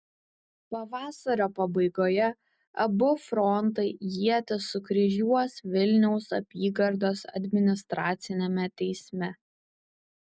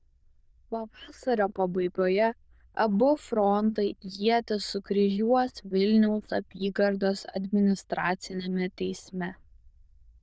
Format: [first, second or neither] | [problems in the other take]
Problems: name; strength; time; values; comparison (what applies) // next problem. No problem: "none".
first | noise reduction (neural diffusion model UNIVERSE++)